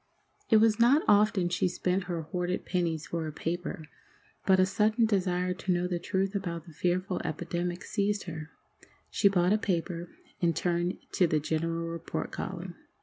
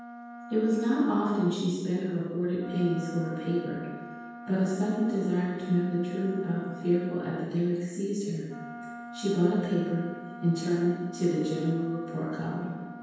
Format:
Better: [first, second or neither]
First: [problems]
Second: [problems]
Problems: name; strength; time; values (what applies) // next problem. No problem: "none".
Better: first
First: none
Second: background sound (Wind instrument, woodwind instrument); 15 dB below the speech // room echo; dies away in 1.2 s